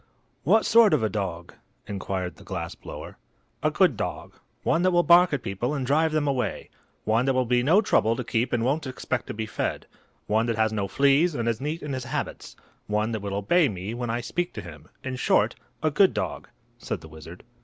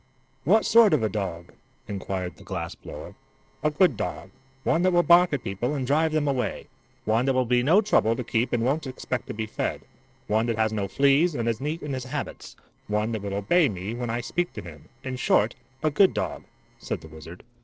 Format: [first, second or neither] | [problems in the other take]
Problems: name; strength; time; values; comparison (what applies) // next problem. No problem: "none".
first | noise reduction (neural separator model SepFormer DNS4)